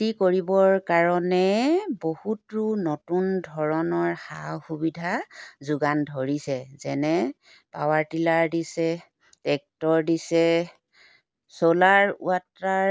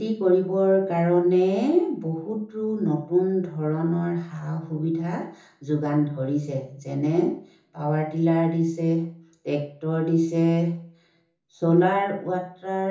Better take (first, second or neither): first